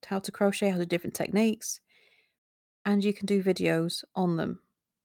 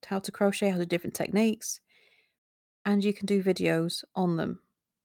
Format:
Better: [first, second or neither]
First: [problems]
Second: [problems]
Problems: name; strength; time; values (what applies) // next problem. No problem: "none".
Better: neither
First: none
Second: none